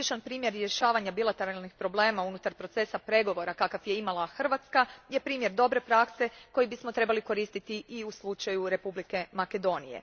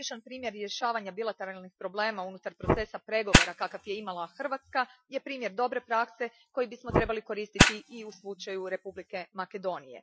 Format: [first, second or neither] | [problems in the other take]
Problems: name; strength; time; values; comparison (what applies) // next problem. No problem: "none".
first | noise reduction (classical method Wiener filter)